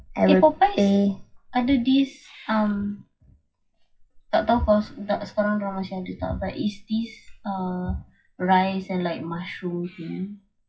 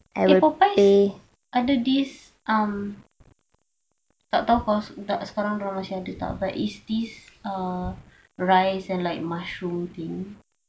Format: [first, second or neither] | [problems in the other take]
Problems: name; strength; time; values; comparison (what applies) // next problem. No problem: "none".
second | noise reduction (classical method WPE with log-MMSE)